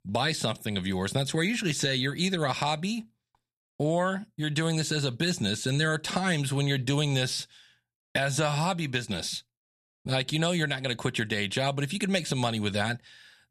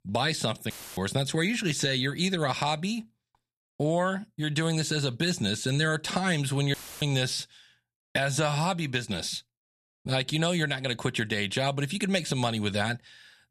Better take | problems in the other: first | audio cutting out; filled with static; at 0.5 s and at 6.5 s

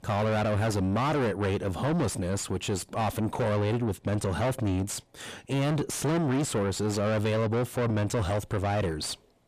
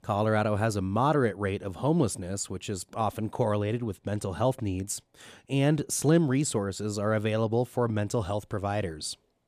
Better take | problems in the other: second | distortion; heavy; 5 dB below the speech

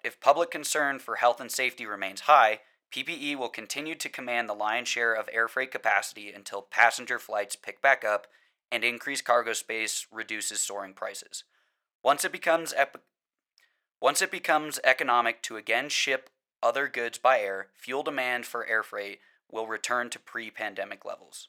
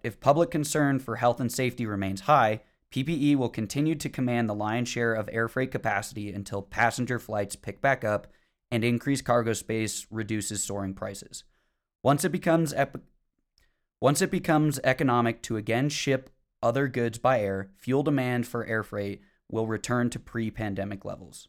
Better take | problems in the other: second | thin; very; fading below 700 Hz

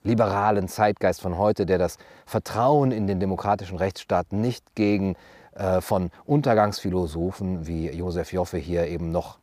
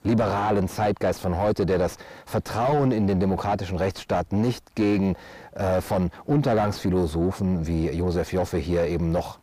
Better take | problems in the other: first | distortion; heavy; 7 dB below the speech

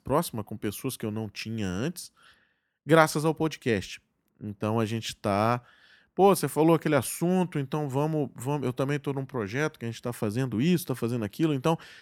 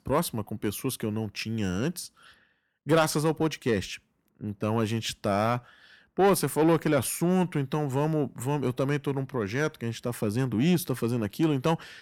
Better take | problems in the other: first | distortion; slight; 10 dB below the speech

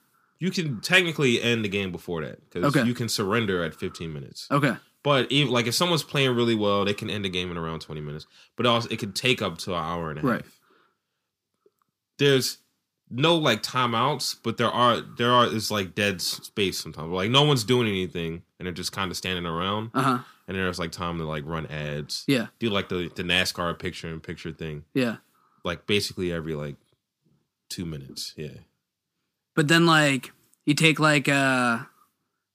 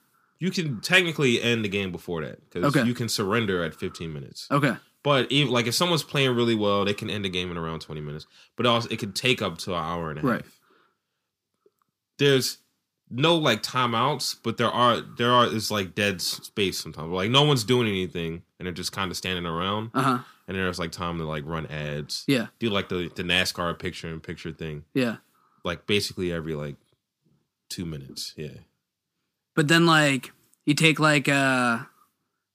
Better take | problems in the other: neither | none

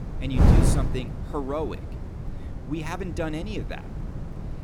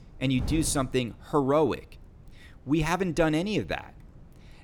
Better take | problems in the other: second | wind noise on the microphone; heavy; 3 dB below the speech; occasional gusts in the second

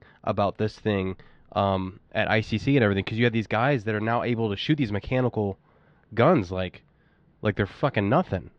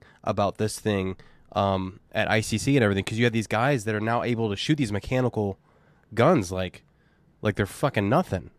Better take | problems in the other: second | muffled; slightly; fading above 4 kHz

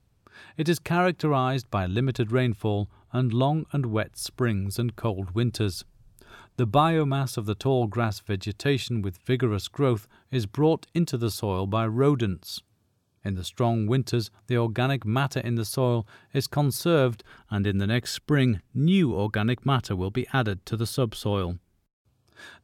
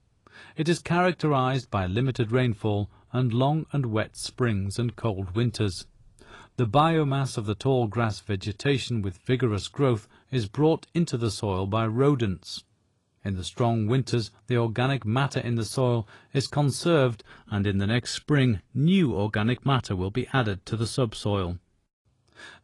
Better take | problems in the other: first | garbled, watery; slightly; nothing above 10.5 kHz

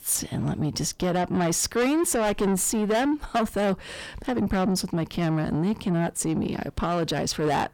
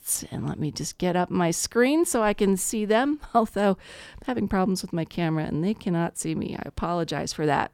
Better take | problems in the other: second | distortion; heavy; 7 dB below the speech

